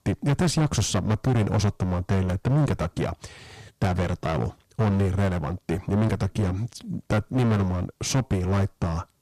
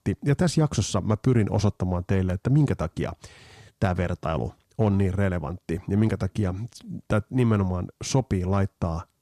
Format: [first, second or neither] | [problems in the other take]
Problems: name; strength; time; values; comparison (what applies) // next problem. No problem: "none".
second | distortion; heavy; 17% of the sound clipped